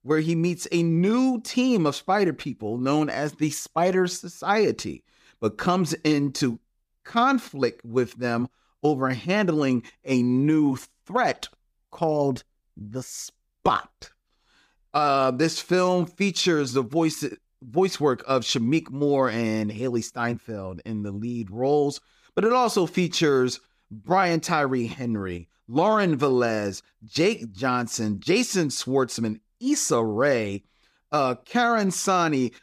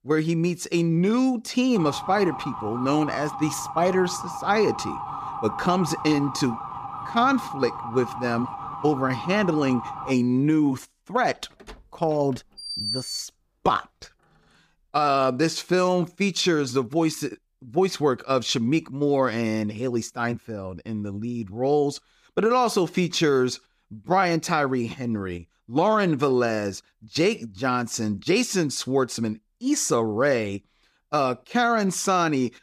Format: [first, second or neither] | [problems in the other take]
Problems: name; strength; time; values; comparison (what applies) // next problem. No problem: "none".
first | siren; noticeable; from 2 to 10 s; peak 8 dB below the speech // door banging; noticeable; from 12 to 13 s; peak 3 dB below the speech